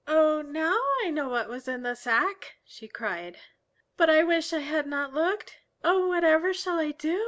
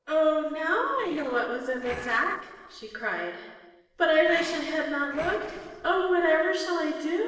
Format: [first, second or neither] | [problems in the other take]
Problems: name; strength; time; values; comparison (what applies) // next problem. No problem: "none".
first | noise reduction (neural separator model SepFormer DNS4)